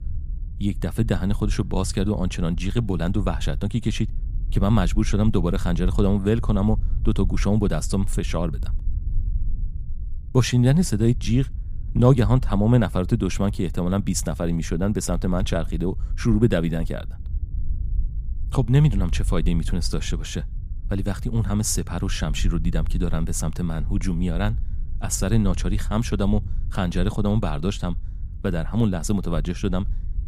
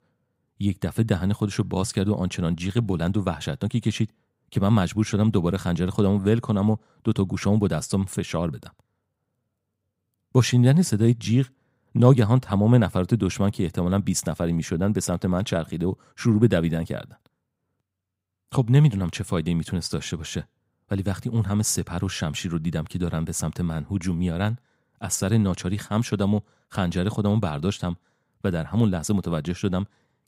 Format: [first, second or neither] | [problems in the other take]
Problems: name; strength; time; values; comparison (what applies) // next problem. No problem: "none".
second | low rumble; faint; throughout; 20 dB below the speech